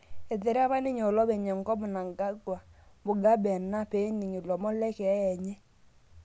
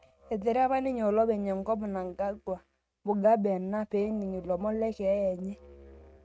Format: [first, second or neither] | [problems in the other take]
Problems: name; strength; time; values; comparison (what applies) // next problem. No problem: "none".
first | noise reduction (neural mask model RNNoise)